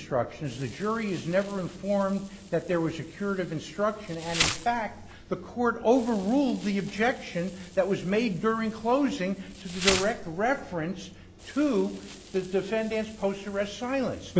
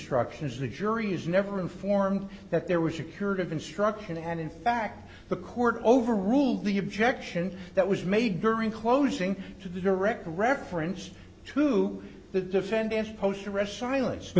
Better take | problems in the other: second | background sound (Insect); 11 dB below the speech

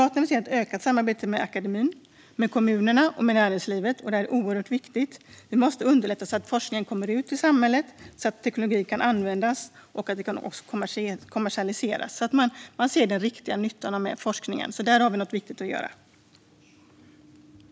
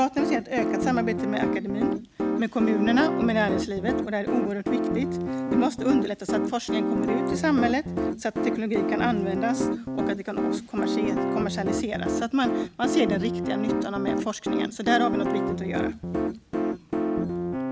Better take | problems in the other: first | background sound (Piano); 1 dB above the speech

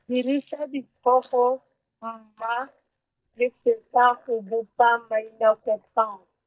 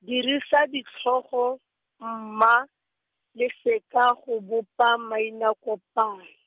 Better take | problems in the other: second | noise reduction (neural mask model DeepFilterNet 3)

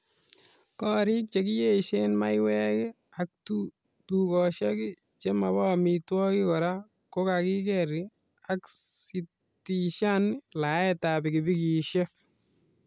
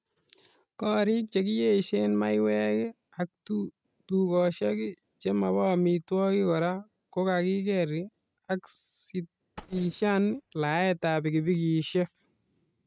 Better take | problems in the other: first | noise reduction (neural mask model RNNoise)

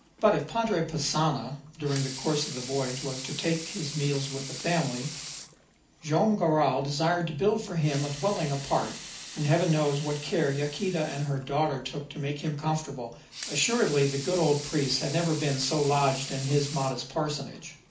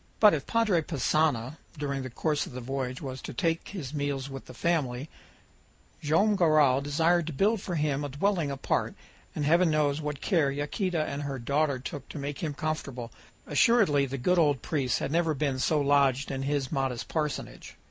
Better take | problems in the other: second | background sound (Sink (filling or washing) / Water tap, faucet / Liquid); 13 dB below the speech // room echo; dies away in 0.4 s

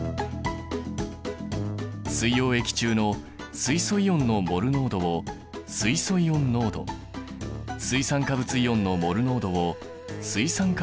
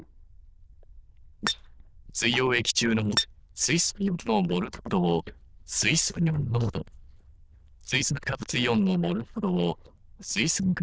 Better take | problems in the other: first | noise reduction (neural diffusion model UNIVERSE++)

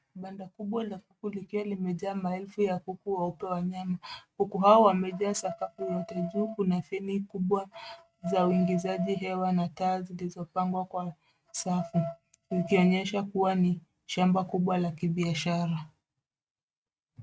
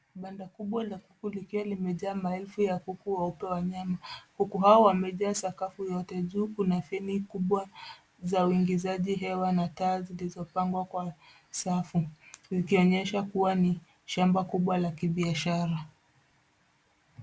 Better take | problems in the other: second | noise reduction (neural mask model RNNoise)

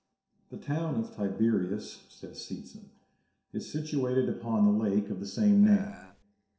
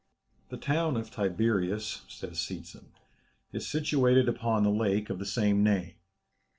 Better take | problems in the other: second | background sound (Burping, eructation); 17 dB below the speech // room echo; dies away in 0.7 s

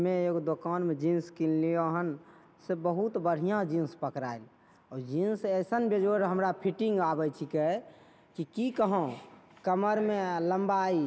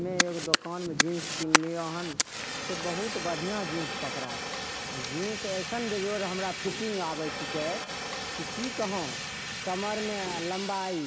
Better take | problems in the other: first | background sound (Fire); 1 dB above the speech

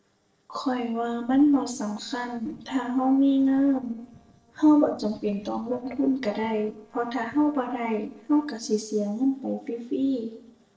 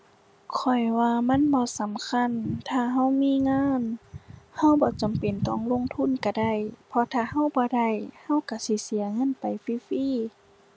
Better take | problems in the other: second | noise reduction (neural separator model SepFormer DNS4)

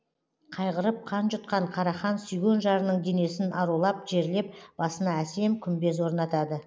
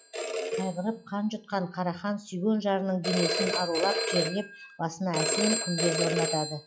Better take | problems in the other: first | noise reduction (classical method log-MMSE)

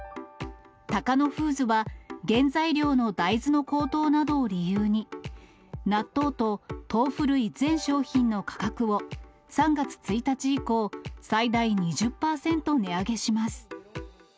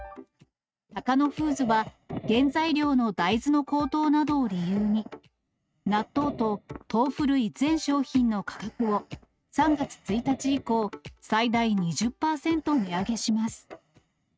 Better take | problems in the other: first | noise reduction (neural mask model RNNoise)

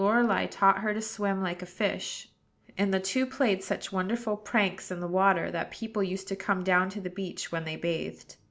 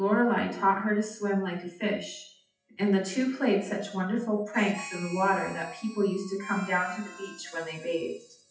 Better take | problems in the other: first | noise reduction (classical method WPE with log-MMSE)

